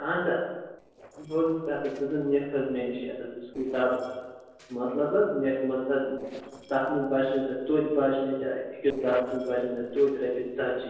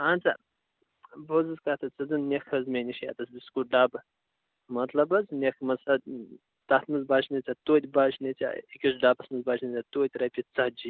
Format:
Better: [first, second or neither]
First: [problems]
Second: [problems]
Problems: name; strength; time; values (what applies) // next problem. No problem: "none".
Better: second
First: noise reduction (neural separator model SepFormer DNS4)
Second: none